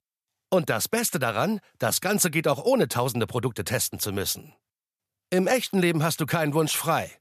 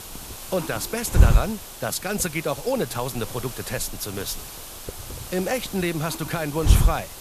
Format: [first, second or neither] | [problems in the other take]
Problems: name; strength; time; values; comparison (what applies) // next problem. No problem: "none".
first | hiss; loud; throughout; as loud as the speech